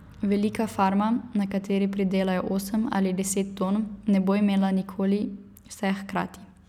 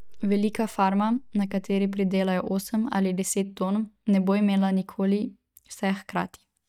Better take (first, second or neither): first